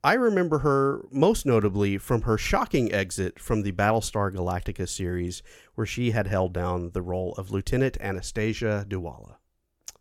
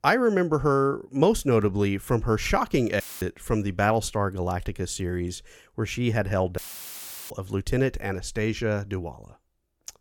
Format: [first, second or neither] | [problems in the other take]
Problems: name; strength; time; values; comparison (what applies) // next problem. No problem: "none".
first | audio cutting out; filled with static; at 3 s and at 6.5 s for 0.5 s